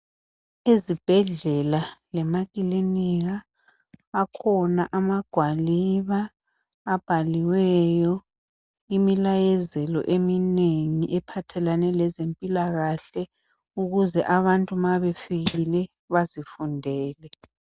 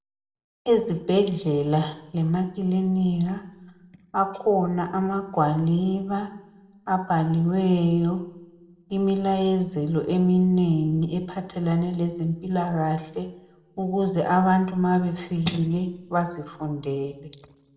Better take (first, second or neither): first